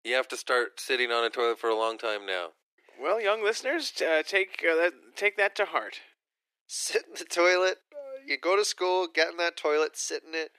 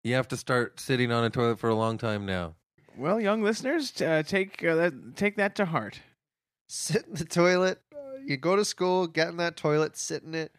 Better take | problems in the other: second | thin; very; fading below 350 Hz

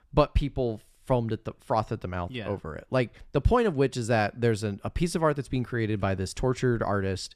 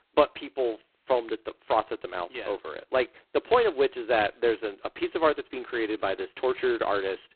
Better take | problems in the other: first | phone-call audio; poor line; nothing above 4 kHz

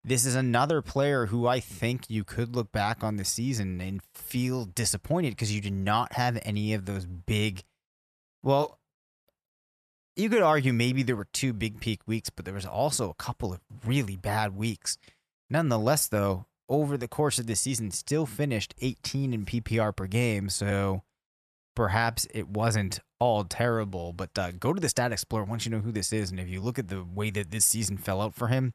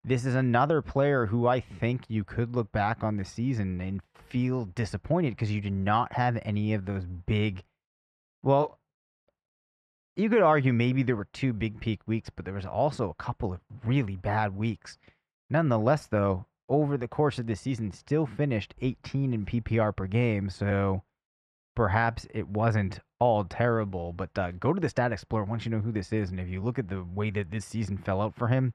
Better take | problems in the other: first | muffled; very; fading above 2 kHz

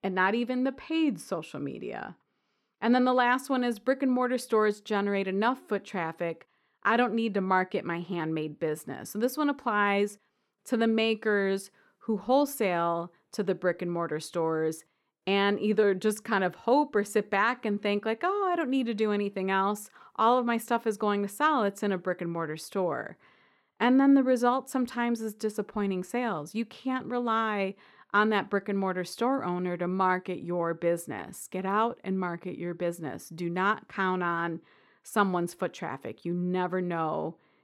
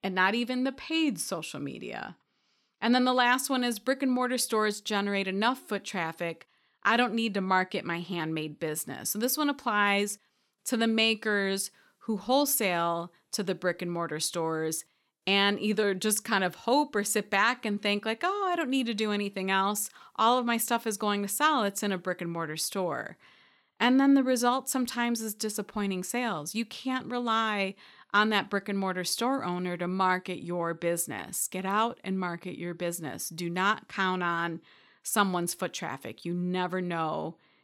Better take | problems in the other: second | muffled; slightly; fading above 2.5 kHz

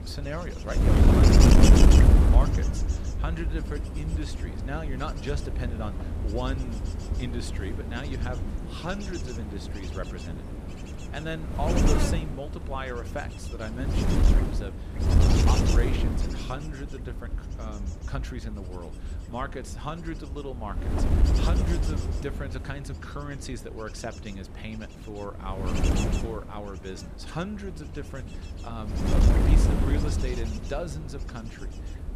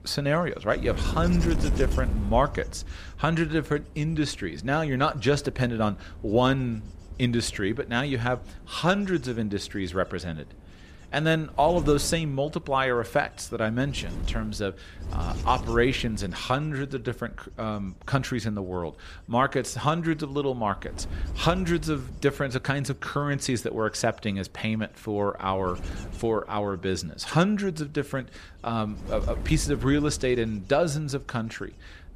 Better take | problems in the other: second | wind noise on the microphone; heavy; 4 dB above the speech; occasional gusts in the second

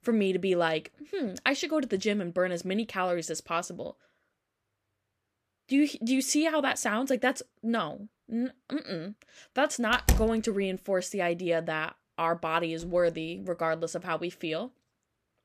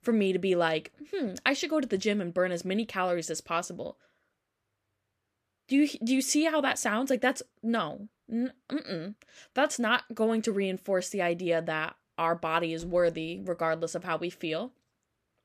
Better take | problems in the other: second | door banging; loud; at 10 s; peak 1 dB above the speech

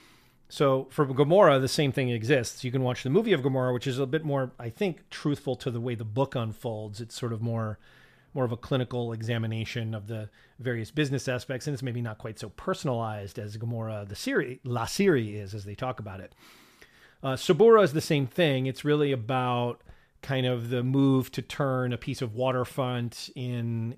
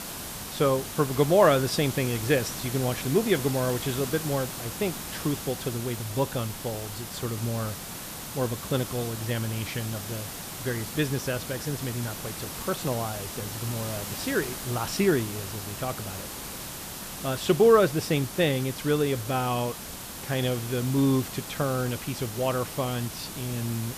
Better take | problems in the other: first | hiss; loud; throughout; 8 dB below the speech

